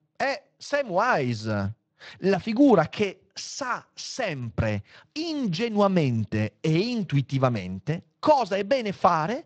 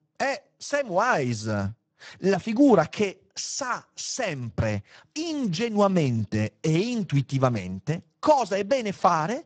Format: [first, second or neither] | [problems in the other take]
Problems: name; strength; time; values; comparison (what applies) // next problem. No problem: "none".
first | garbled, watery; badly; nothing above 7.5 kHz; slightly in the first